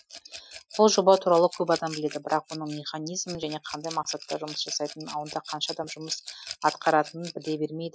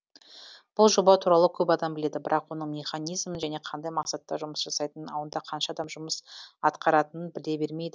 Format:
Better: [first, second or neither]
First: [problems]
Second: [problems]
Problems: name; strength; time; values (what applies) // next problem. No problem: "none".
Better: second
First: noise reduction (classical method Wiener filter)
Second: none